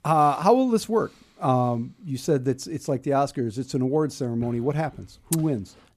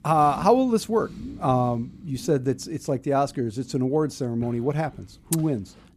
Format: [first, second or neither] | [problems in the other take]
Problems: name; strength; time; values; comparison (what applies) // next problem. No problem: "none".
first | low rumble; faint; throughout; 25 dB below the speech